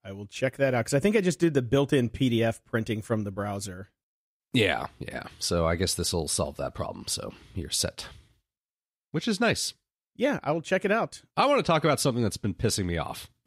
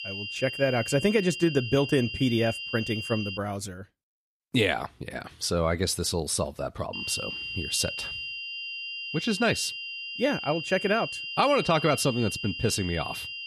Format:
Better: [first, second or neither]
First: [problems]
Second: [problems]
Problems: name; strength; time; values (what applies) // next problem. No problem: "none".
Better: first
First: none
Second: high-pitched whine; loud; until 3.5 s and from 7 s on; 3 kHz, 6 dB below the speech